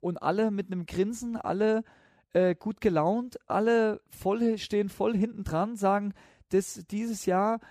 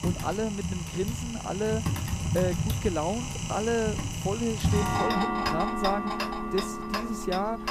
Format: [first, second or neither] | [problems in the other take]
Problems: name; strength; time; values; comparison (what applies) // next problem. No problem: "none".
first | household noises; very loud; throughout; 1 dB above the speech